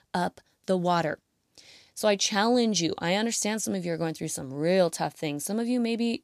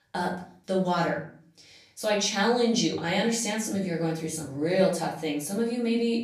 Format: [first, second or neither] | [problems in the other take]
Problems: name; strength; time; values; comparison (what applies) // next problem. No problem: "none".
first | off-mic speech; far // room echo; slight; dies away in 0.4 s